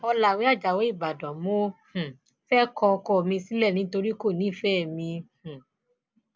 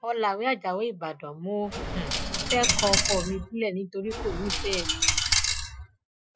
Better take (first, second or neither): first